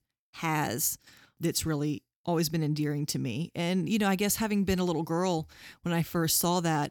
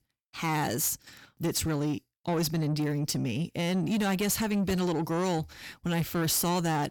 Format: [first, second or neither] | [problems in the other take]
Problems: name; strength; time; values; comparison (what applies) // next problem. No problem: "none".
first | distortion; slight; 10 dB below the speech